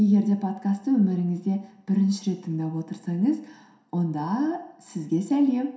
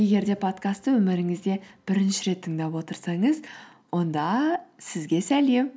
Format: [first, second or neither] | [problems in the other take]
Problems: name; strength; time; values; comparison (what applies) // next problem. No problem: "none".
second | room echo; dies away in 0.7 s